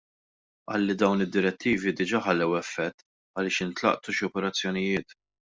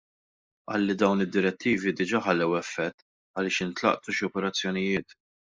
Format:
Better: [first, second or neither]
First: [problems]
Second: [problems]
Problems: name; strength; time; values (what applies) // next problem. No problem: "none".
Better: first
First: none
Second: noise reduction (neural mask model Resemble Enhance denoiser)